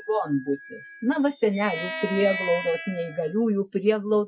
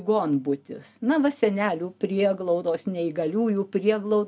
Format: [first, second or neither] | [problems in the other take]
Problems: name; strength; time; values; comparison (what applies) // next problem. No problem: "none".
second | noise reduction (classical method Wiener filter)